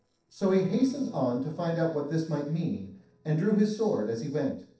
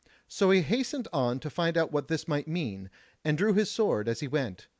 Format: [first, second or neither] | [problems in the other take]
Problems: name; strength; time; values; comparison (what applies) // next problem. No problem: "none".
second | noise reduction (neural separator model SepFormer DNS4)